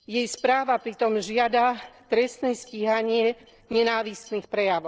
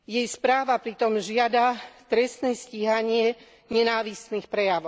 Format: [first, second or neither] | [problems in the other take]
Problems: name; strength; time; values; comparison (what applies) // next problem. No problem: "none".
second | noise reduction (neural separator model SepFormer DNS4)